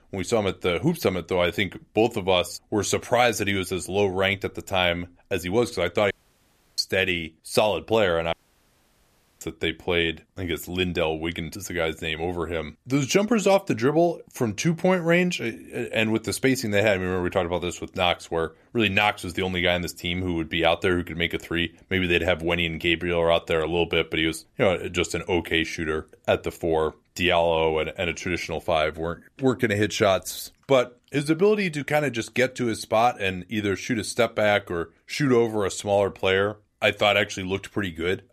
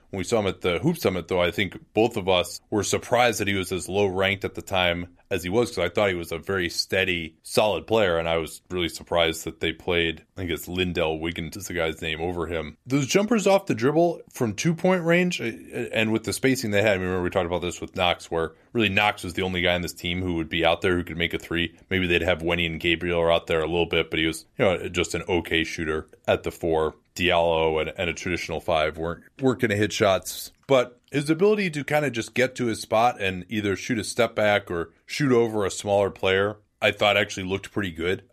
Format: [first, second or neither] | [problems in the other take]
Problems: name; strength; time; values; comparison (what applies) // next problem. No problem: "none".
second | audio cutting out; at 6 s for 0.5 s and at 8.5 s for 1 s